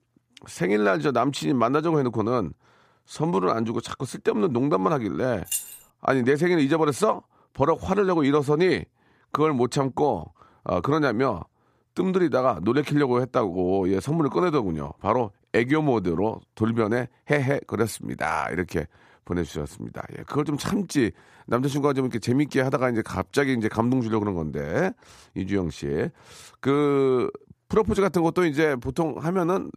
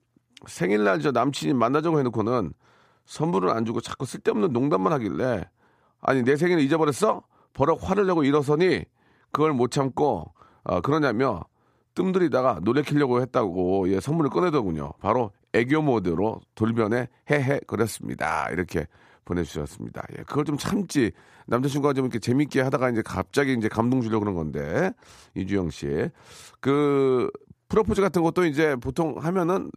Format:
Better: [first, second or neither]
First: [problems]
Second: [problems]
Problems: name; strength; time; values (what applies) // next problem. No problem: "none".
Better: second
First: jangling keys; noticeable; at 5.5 s; peak 4 dB below the speech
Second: none